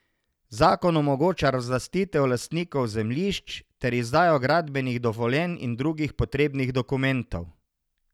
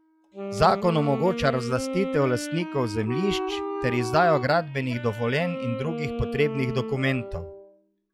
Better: first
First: none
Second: noise reduction (classical method log-MMSE)

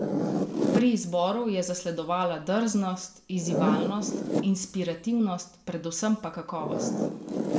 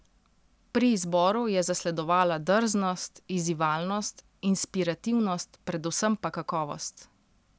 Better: second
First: background sound (Zipper (clothing)); 2 dB below the speech // room echo; dies away in 0.4 s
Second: none

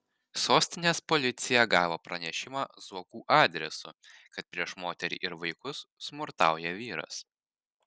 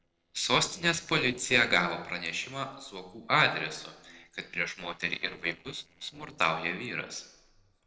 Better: first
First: none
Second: noise reduction (neural separator model SepFormer DNS4)

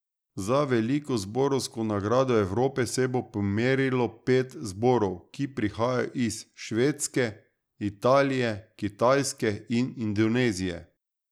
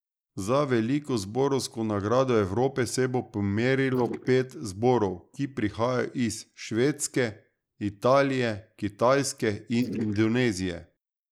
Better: first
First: none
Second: noise reduction (neural mask model Resemble Enhance denoiser)

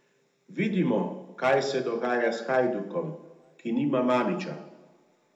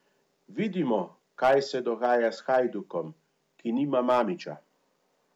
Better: second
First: room echo; dies away in 0.7 s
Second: none

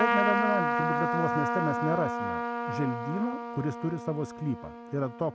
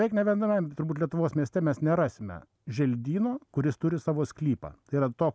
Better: second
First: background sound (Trumpet); 1 dB above the speech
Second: none

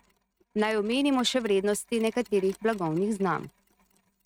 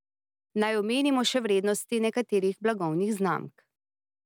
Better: second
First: noise reduction (neural mask model RNNoise)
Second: none

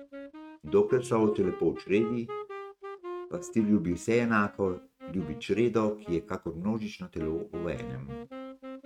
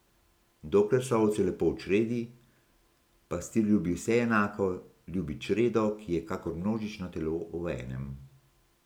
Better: second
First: noise reduction (neural mask model RNNoise)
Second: none

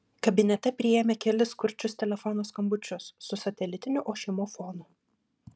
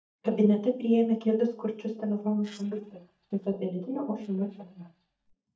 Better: first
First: none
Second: noise reduction (neural mask model DeepFilterNet 3)

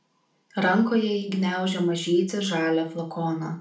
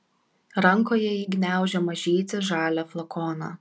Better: second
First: room echo; dies away in 0.4 s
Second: none

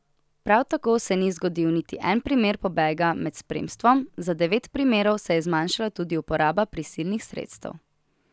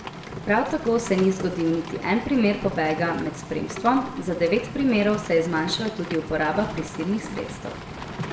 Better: first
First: none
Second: background sound (Rain); 11 dB below the speech // room echo; dies away in 0.7 s

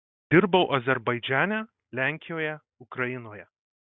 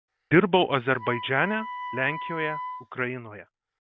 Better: first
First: none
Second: background sound (Wind instrument, woodwind instrument); 12 dB below the speech

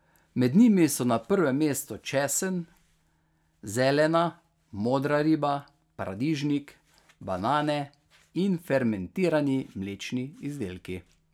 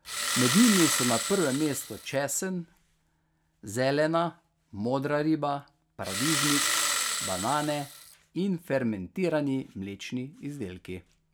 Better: first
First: none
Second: background sound (Engine starting); 1 dB below the speech

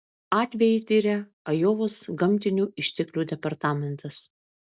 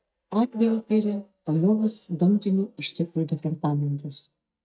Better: first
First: none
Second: noise reduction (neural mask model DeepFilterNet 3)

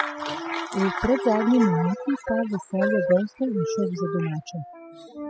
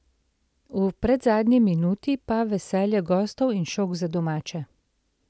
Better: second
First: noise reduction (classical method spectral subtraction)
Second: none

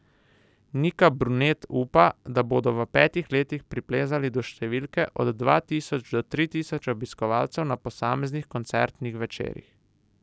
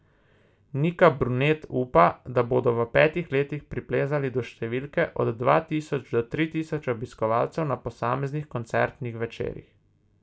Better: first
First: none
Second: room echo; dies away in 0.2 s

